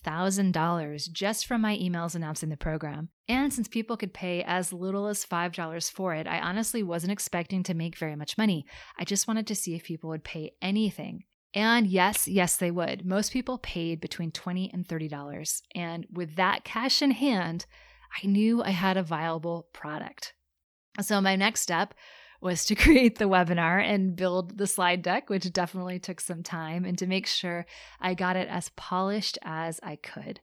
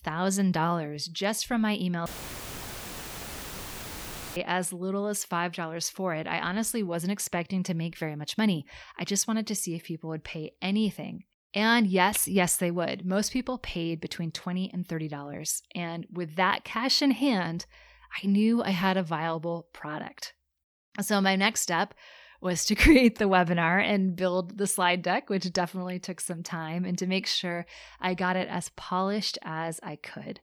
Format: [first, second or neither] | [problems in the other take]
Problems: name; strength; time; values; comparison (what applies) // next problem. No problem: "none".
first | audio cutting out; filled with static; at 2 s for 2.5 s